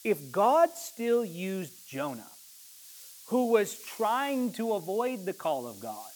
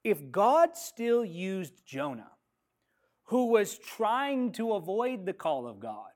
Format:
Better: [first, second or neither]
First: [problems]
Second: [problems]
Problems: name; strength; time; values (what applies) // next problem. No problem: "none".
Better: second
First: hiss; noticeable; throughout; 20 dB below the speech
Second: none